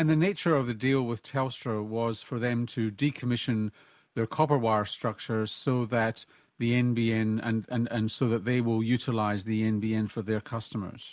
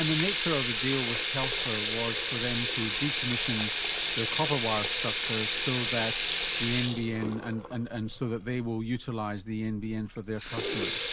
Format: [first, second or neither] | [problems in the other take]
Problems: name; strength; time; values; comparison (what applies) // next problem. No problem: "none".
first | background sound (Sink (filling or washing) / Water tap, faucet); as loud as the speech